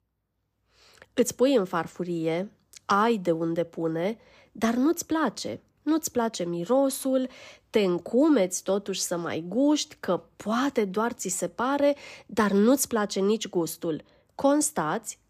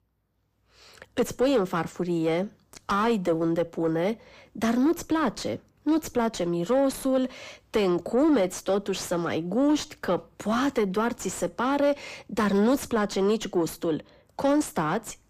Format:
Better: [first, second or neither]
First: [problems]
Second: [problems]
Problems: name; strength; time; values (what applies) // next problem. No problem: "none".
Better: first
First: none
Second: distortion; slight; 9 dB below the speech